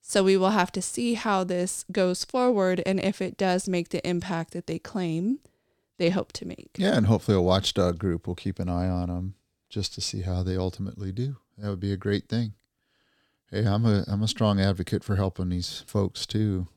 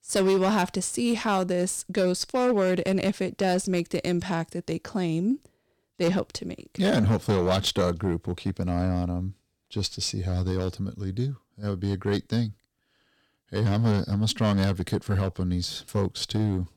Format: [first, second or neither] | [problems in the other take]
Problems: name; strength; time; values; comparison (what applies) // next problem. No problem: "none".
first | distortion; slight; 5% of the sound clipped